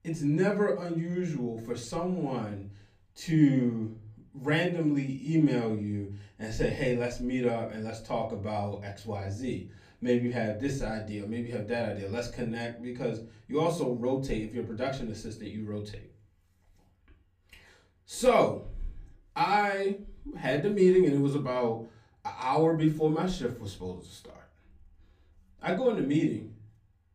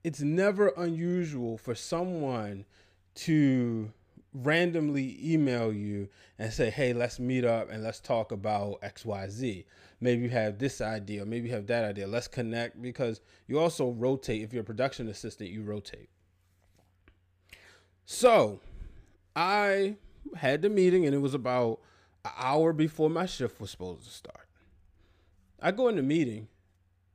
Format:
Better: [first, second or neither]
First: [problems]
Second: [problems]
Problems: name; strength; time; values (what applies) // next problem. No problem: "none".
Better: second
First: off-mic speech; far // room echo; very slight; dies away in 0.3 s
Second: none